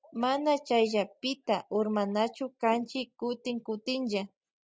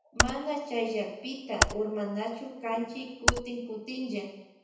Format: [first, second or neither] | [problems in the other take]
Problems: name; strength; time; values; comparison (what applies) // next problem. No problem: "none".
first | background sound (Computer keyboard); 1 dB above the speech // room echo; dies away in 0.9 s